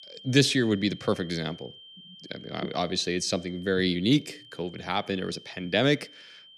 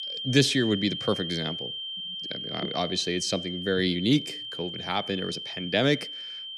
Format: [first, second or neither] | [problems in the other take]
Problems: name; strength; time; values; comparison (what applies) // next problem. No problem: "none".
first | high-pitched whine; loud; throughout; 3 kHz, 6 dB below the speech; faint in the first